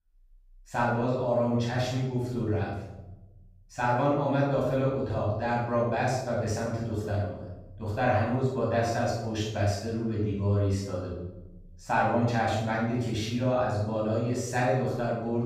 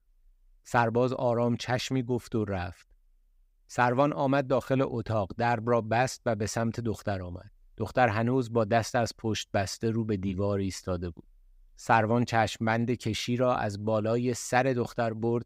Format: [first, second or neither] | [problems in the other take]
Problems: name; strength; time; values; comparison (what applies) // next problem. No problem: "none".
second | off-mic speech; far // room echo; strong; dies away in 1 s